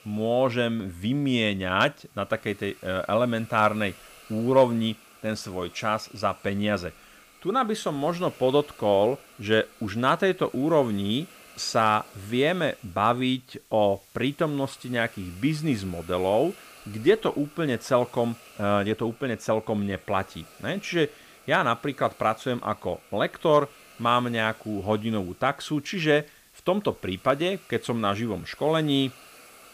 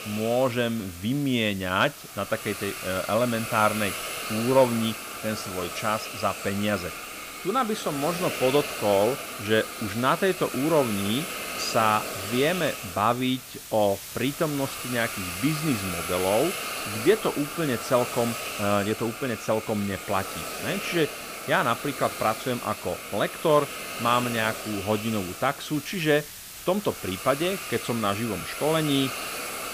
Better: first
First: hiss; faint; throughout; 25 dB below the speech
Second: hiss; loud; throughout; 7 dB below the speech

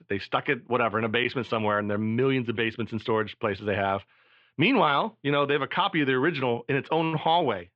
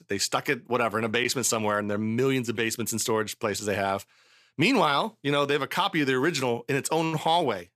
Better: second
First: muffled; very; fading above 3.5 kHz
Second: none

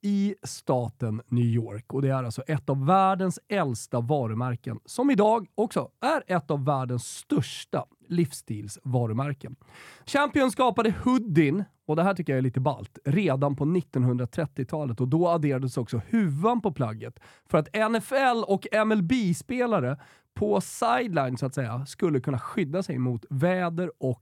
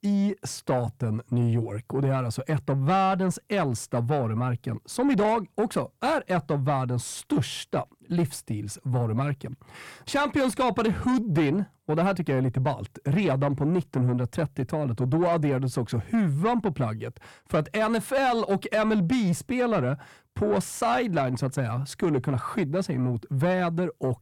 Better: first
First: none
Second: distortion; slight; 10 dB below the speech

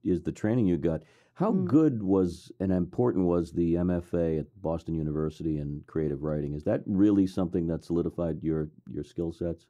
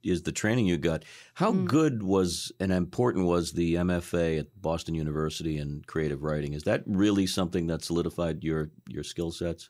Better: second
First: muffled; slightly; fading above 1.5 kHz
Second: none

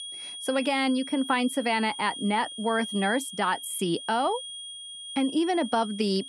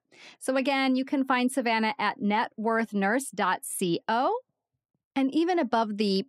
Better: second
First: high-pitched whine; loud; throughout; 3.5 kHz, 10 dB below the speech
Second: none

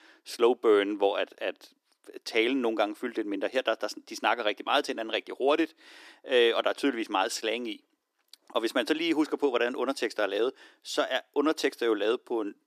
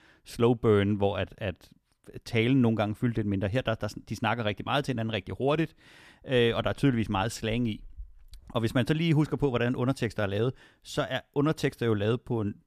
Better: second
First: thin; somewhat; fading below 300 Hz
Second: none

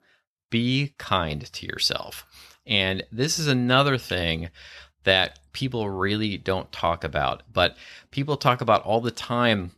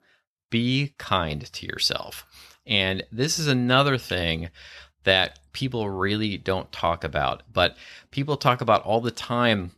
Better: neither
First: none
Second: none

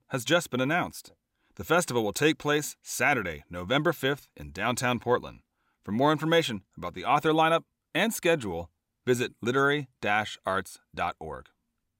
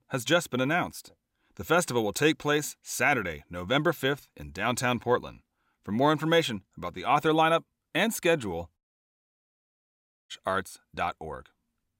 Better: first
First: none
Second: audio cutting out; at 9 s for 1.5 s

